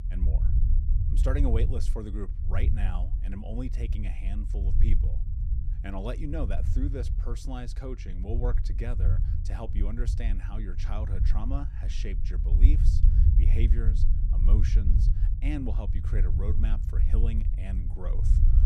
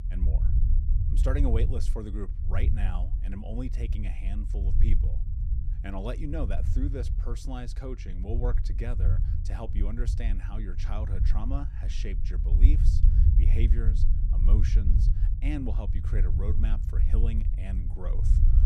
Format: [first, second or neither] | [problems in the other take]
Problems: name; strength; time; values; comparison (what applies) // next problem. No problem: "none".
neither | low rumble; loud; throughout; 5 dB below the speech; the same in both